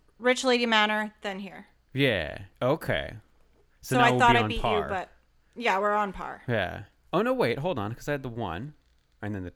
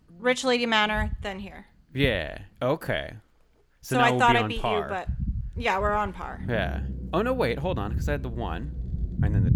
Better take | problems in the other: first | low rumble; faint; until 2.5 s and from 5 s on; 20 dB below the speech

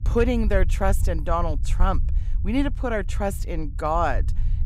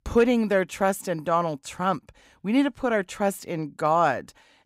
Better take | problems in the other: second | low rumble; faint; throughout; 20 dB below the speech

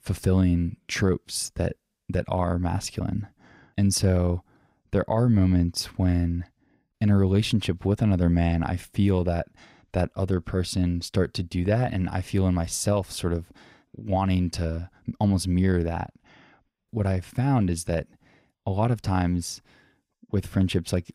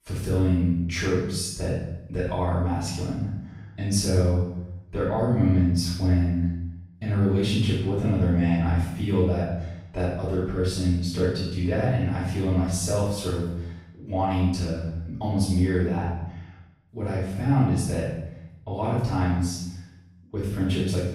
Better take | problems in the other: first | room echo; strong; dies away in 0.8 s // off-mic speech; far

